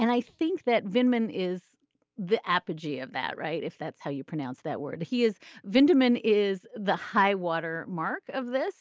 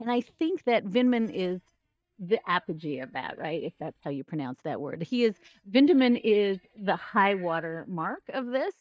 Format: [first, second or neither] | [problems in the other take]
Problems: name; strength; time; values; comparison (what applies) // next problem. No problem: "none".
first | noise reduction (neural mask model DeepFilterNet 3)